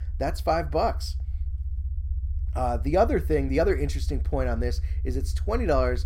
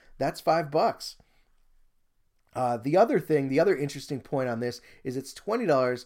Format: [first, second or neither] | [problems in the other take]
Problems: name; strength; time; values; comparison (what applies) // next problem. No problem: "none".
second | low rumble; faint; throughout; 25 dB below the speech